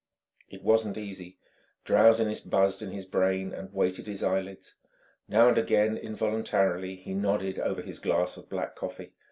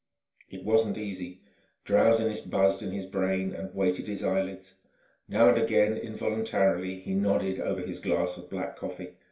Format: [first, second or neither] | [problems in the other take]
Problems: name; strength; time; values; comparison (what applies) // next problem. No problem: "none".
first | room echo; dies away in 0.4 s